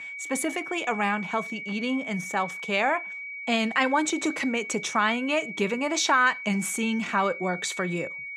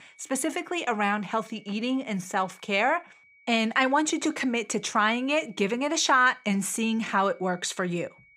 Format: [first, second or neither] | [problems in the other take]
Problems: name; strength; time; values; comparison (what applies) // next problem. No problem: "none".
second | high-pitched whine; loud; throughout; 2.5 kHz, 9 dB below the speech; faint in the second